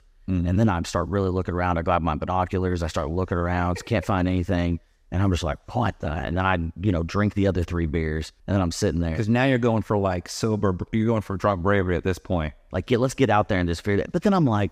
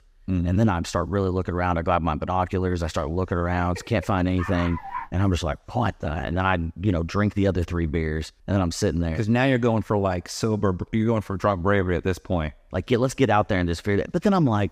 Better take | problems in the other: first | dog barking; noticeable; at 4.5 s; peak 9 dB below the speech

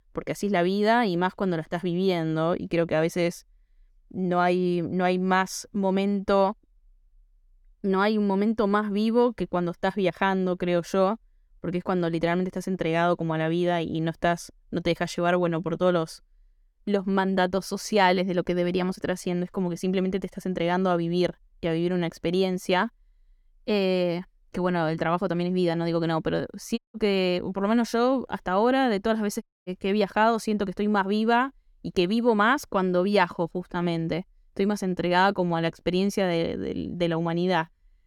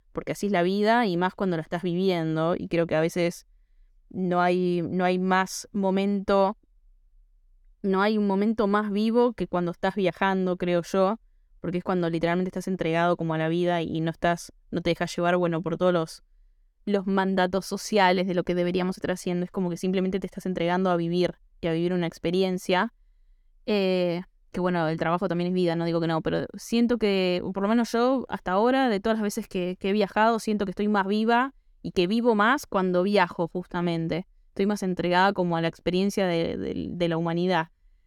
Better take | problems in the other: second | audio cutting out; at 27 s and at 29 s

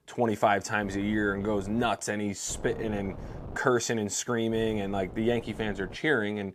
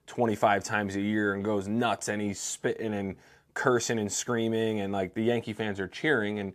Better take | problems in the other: second | wind noise on the microphone; occasional gusts; from 1 to 2 s, from 2.5 to 3.5 s and from 4.5 to 6 s; 20 dB below the speech

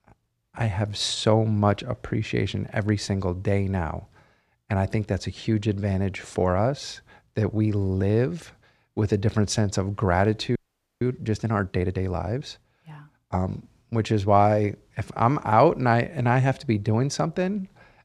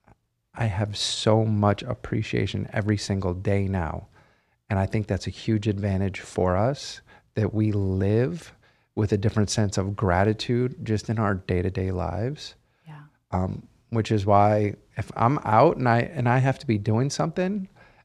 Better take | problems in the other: second | audio freezing; at 11 s

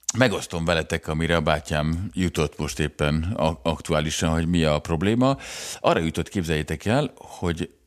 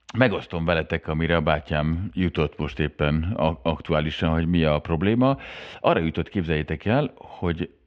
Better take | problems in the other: first | muffled; very; fading above 3 kHz

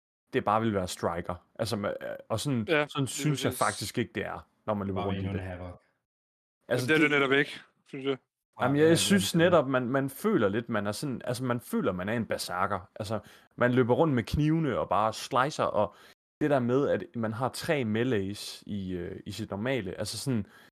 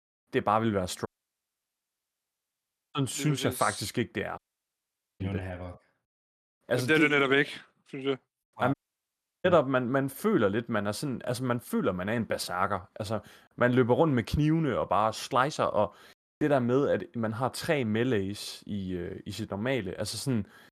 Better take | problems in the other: first | audio cutting out; at 1 s for 2 s, at 4.5 s for 1 s and at 8.5 s for 0.5 s

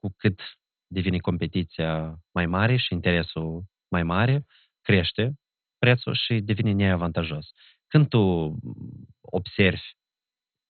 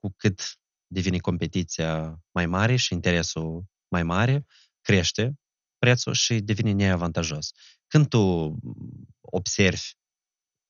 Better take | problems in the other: second | garbled, watery; badly; nothing above 4 kHz; slightly in the second

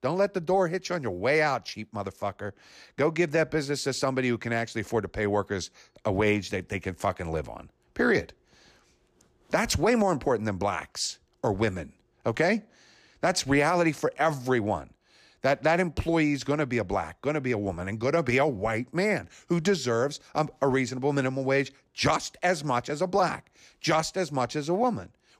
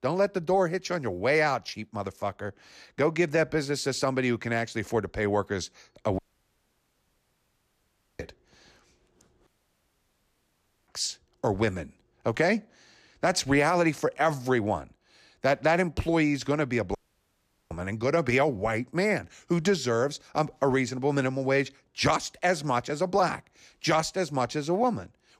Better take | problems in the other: first | audio cutting out; at 6 s for 2 s, at 9.5 s for 1.5 s and at 17 s for 1 s

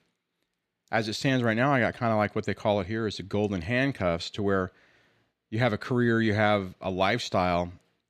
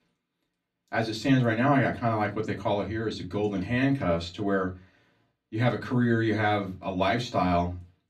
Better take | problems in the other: first | off-mic speech; far // room echo; very slight; dies away in 0.2 s

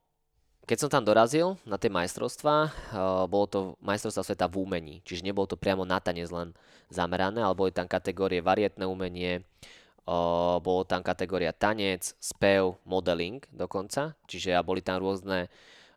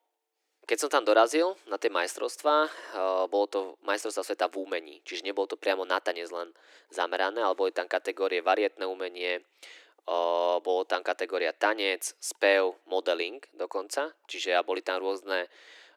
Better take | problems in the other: first | thin; somewhat; fading below 300 Hz

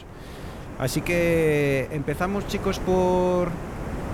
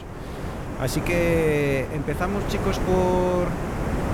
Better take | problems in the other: first | wind noise on the microphone; heavy; 6 dB below the speech; occasional gusts in the first

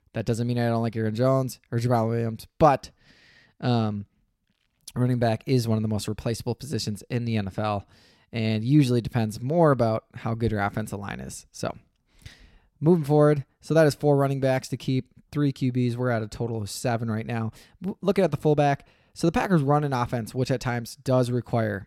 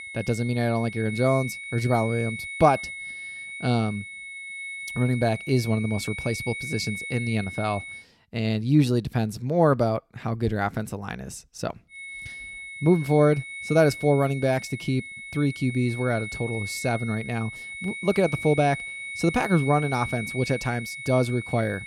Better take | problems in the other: first | high-pitched whine; loud; until 8 s and from 12 s on; 2 kHz, 9 dB below the speech

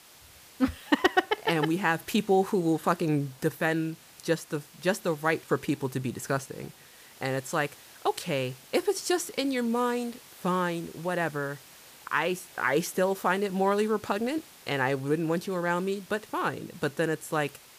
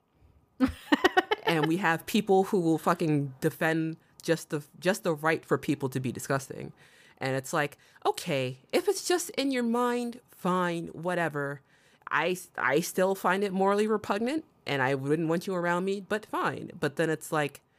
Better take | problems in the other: second | hiss; faint; throughout; 20 dB below the speech

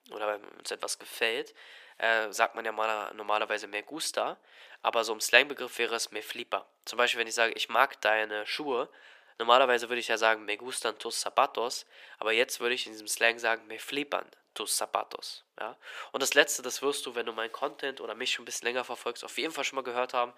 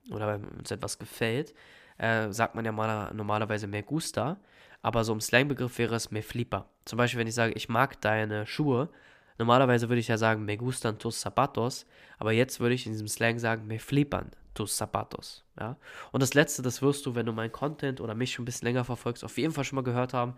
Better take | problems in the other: second | thin; very; fading below 450 Hz

